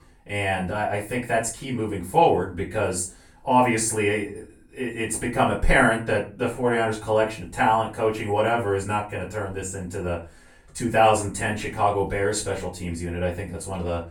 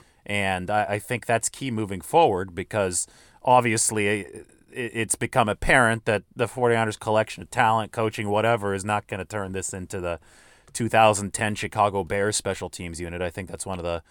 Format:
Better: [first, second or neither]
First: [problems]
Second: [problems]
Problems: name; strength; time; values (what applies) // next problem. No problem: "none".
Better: second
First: off-mic speech; far // room echo; slight; dies away in 0.3 s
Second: none